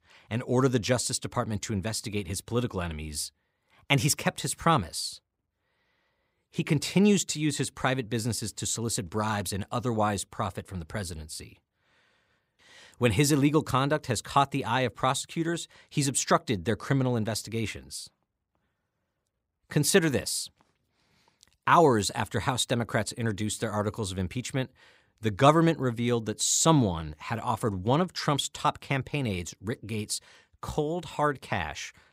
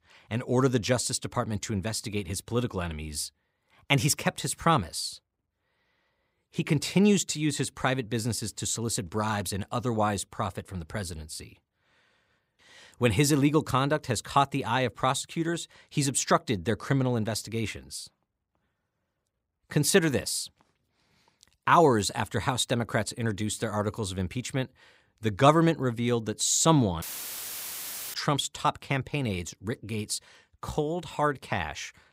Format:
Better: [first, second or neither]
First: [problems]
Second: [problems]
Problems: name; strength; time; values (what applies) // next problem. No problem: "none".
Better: first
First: none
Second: audio cutting out; filled with static; at 27 s for 1 s